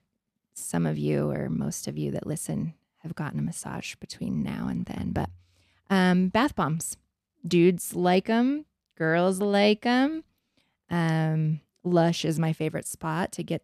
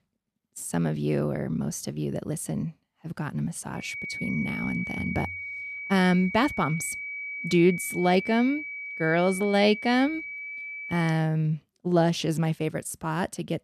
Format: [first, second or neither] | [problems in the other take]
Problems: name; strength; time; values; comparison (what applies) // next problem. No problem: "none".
first | high-pitched whine; loud; from 4 to 11 s; 2.5 kHz, 7 dB below the speech